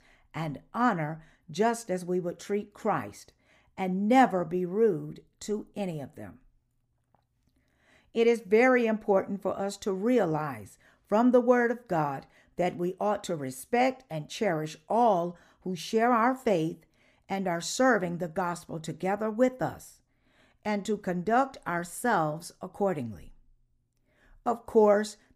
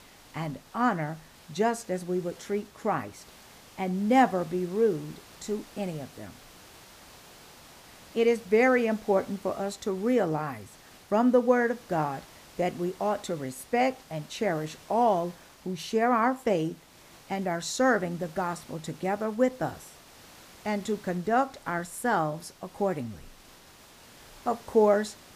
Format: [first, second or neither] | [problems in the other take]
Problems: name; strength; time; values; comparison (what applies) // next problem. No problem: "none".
first | hiss; faint; throughout; 25 dB below the speech